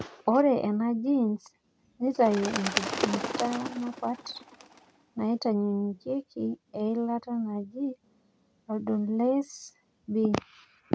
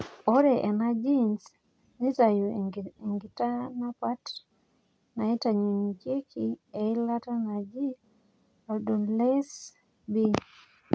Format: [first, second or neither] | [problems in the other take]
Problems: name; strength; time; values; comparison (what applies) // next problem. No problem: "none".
second | background sound (Bird); 6 dB below the speech